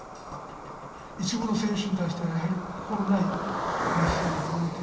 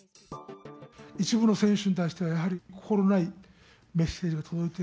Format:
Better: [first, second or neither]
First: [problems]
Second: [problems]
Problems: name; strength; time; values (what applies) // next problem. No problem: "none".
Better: second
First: background sound (Cricket); 4 dB below the speech // room echo; dies away in 2.6 s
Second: none